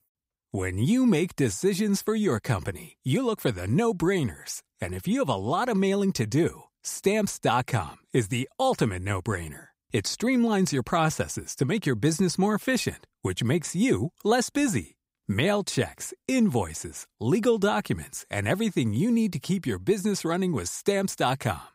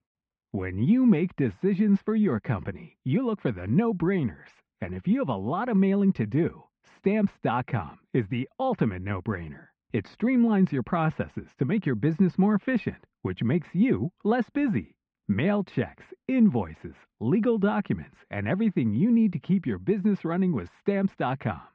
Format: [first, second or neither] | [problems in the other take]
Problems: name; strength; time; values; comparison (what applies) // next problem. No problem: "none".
first | muffled; very; fading above 2.5 kHz